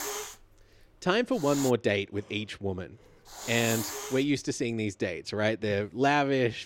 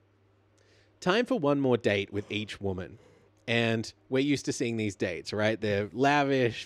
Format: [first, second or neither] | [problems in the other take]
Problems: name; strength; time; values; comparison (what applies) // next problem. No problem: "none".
second | hiss; loud; until 1.5 s and from 3 to 4.5 s; 8 dB below the speech